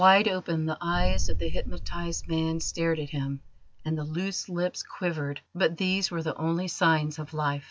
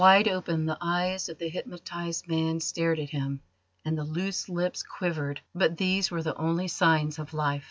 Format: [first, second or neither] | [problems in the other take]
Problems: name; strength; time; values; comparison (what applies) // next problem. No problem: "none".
second | background sound (Boom); as loud as the speech